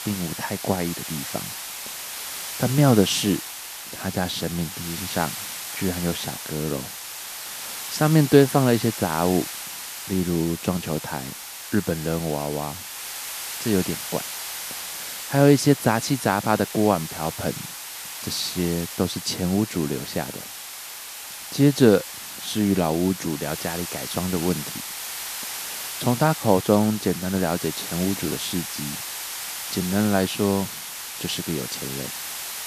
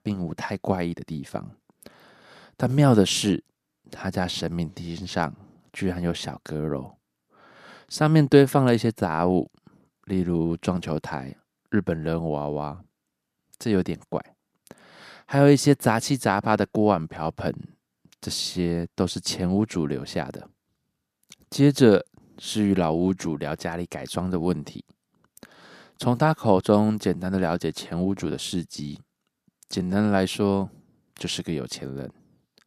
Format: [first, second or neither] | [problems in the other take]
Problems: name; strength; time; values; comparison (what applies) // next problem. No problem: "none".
second | hiss; loud; throughout; 8 dB below the speech